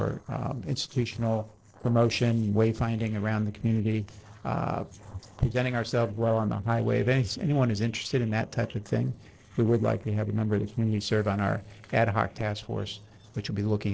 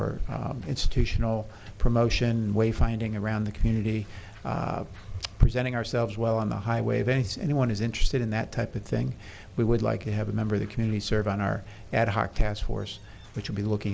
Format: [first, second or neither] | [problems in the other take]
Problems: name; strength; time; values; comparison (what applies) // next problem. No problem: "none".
second | noise reduction (neural separator model SepFormer DNS4)